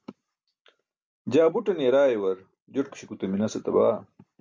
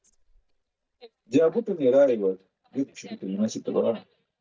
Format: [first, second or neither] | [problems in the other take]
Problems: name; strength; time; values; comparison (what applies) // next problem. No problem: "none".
first | noise reduction (neural mask model DeepFilterNet 3)